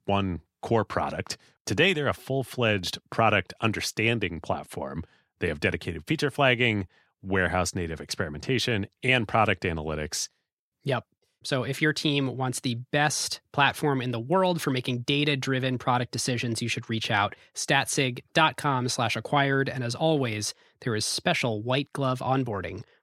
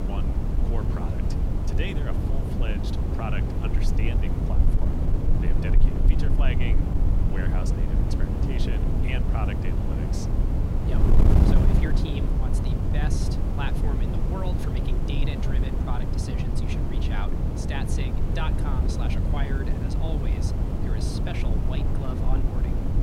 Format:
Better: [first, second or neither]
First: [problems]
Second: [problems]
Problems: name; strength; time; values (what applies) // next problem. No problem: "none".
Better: first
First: none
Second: wind noise on the microphone; heavy; 2 dB above the speech